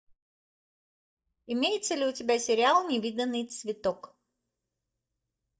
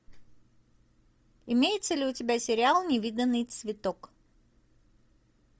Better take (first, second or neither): second